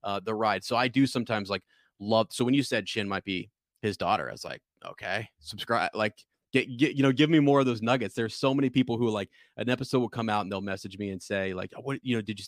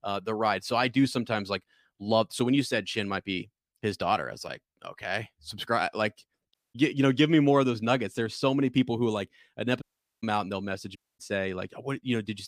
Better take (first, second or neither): first